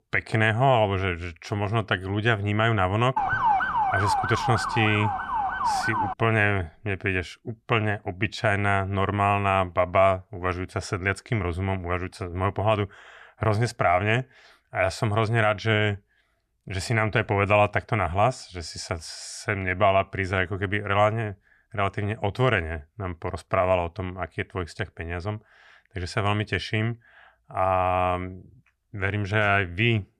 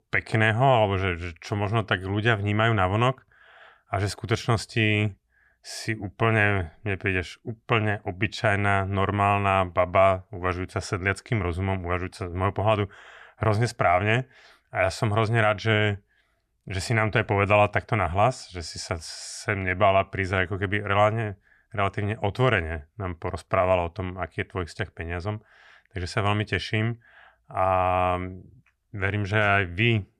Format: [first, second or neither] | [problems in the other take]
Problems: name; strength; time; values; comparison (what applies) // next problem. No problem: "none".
second | siren; loud; from 3 to 6 s; peak 3 dB above the speech